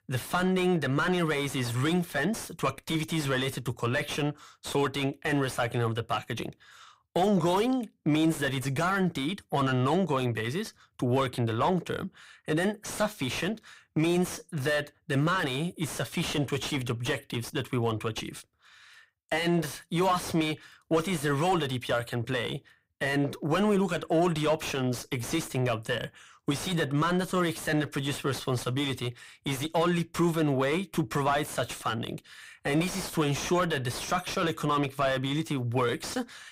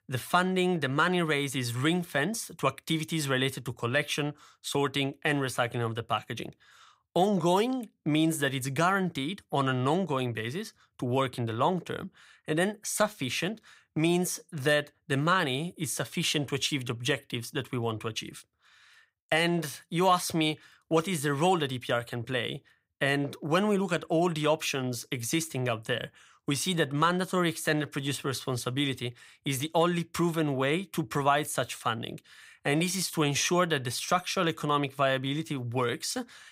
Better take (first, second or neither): second